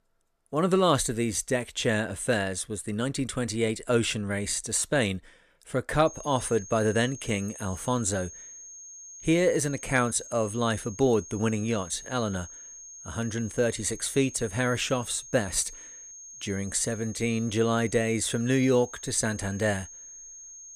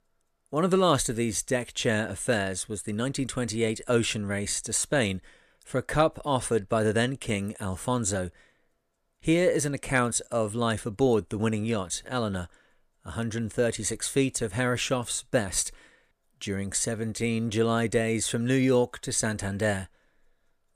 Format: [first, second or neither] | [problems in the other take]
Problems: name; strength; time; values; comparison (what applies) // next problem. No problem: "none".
second | high-pitched whine; noticeable; from 6 s on; 6.5 kHz, 15 dB below the speech